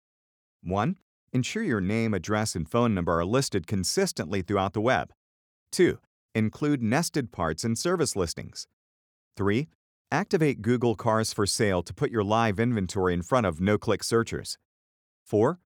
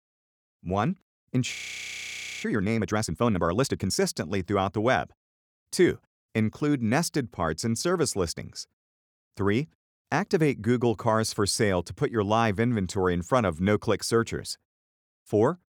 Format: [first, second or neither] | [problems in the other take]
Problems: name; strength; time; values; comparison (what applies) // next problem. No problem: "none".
first | audio freezing; at 1.5 s for 1 s